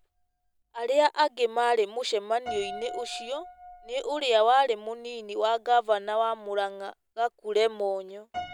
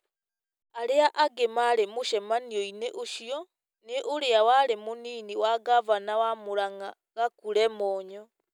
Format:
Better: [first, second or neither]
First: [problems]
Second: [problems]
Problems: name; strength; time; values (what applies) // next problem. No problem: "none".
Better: second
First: background sound (Piano); 18 dB below the speech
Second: none